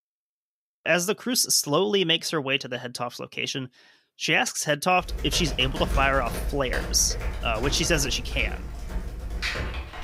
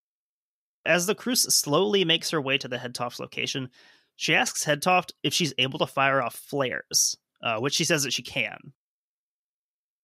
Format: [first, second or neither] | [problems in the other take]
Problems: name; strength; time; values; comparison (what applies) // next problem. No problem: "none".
second | keyboard typing; noticeable; from 5 s on; peak 4 dB below the speech